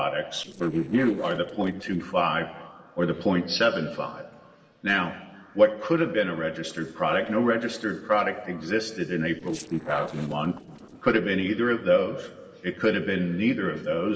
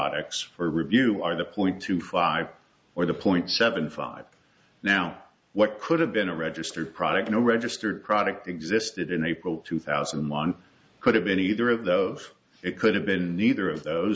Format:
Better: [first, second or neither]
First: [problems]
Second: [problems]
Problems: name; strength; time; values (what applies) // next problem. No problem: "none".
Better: second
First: noise reduction (neural separator model SepFormer DNS4)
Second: none